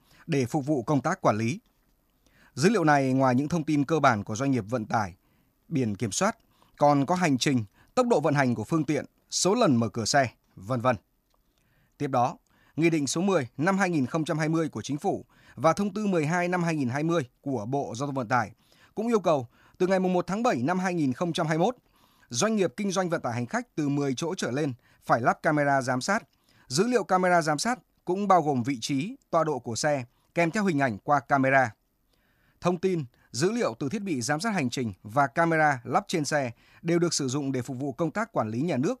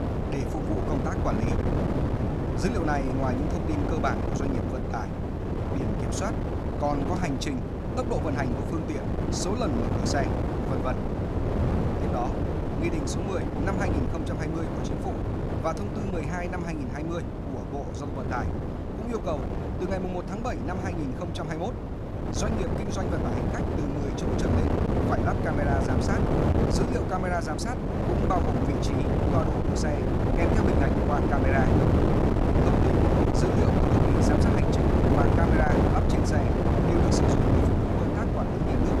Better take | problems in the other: first | wind noise on the microphone; heavy; 2 dB above the speech

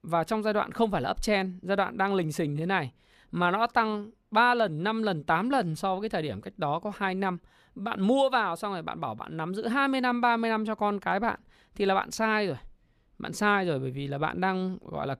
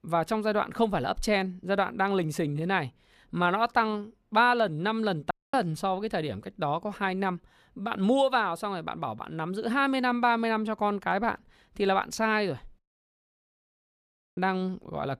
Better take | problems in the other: first | audio cutting out; at 5.5 s and at 13 s for 1.5 s

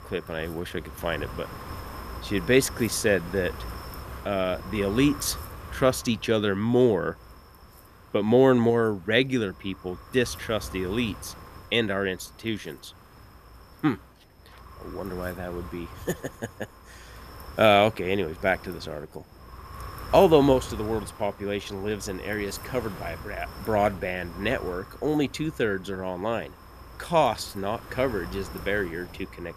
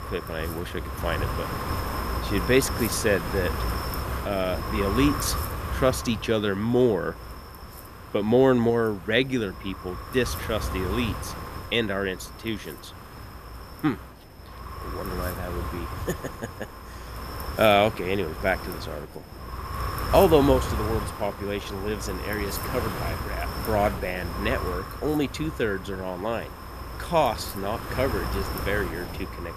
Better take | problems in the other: first | wind noise on the microphone; heavy; 8 dB below the speech; occasional gusts in the first

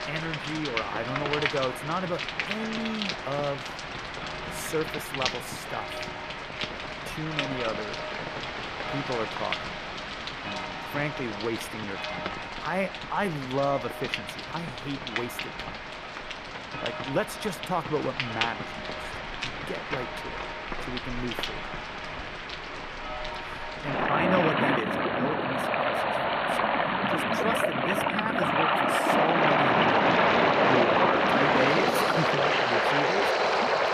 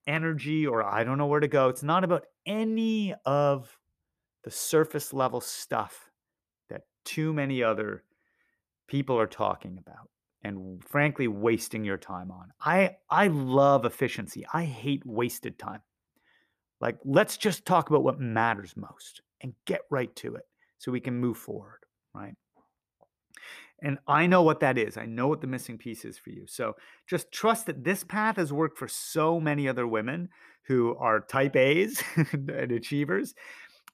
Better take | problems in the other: second | rain or running water; very loud; throughout; 5 dB above the speech

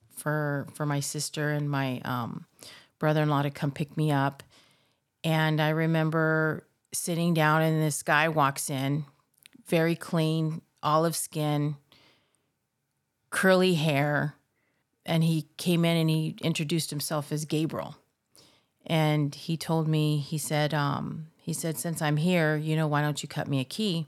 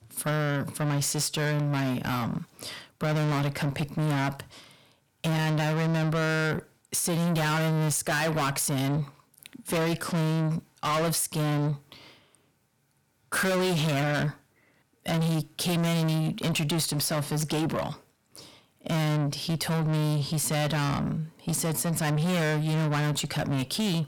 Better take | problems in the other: first | distortion; heavy; 5 dB below the speech

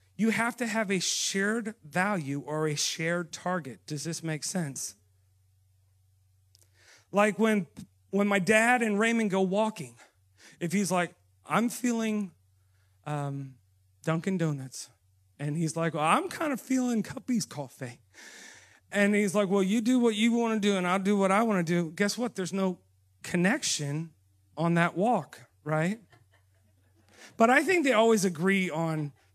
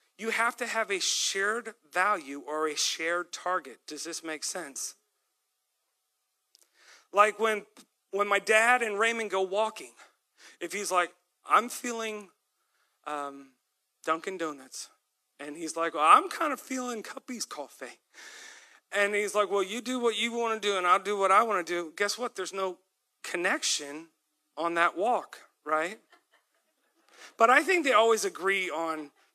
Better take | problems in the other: first | thin; very; fading below 300 Hz

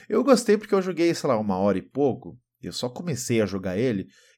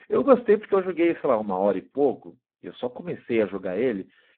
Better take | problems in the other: first | phone-call audio; poor line

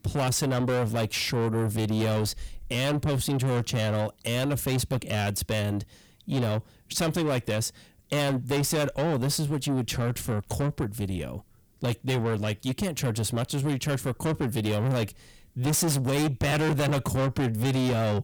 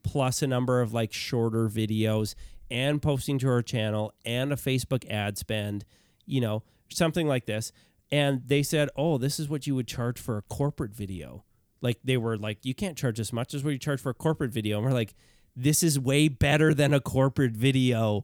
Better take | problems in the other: second | distortion; heavy; 6 dB below the speech

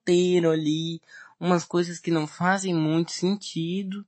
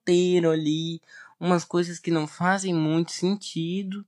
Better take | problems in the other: second | garbled, watery; slightly; nothing above 8 kHz

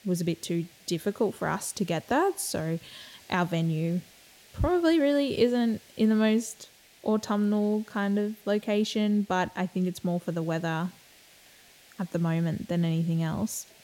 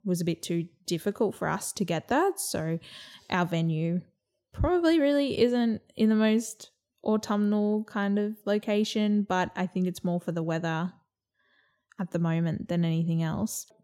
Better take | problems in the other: second | hiss; faint; throughout; 25 dB below the speech

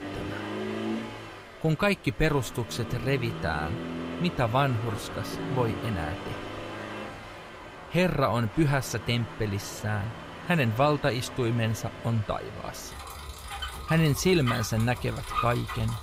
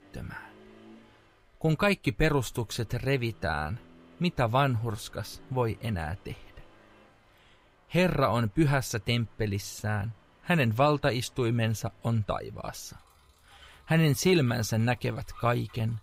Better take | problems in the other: second | traffic noise; loud; throughout; 9 dB below the speech; faint in the second

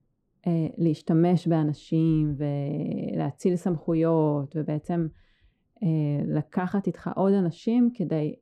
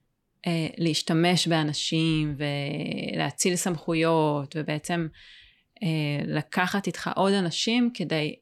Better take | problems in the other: second | muffled; very; fading above 1 kHz

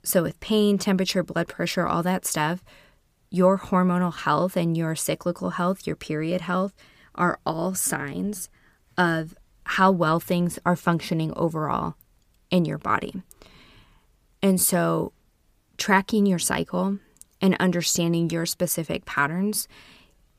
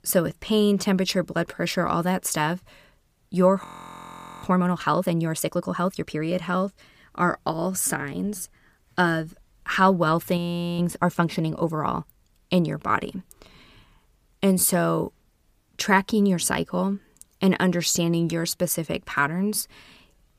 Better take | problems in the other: first | audio freezing; at 3.5 s for 1 s and at 10 s

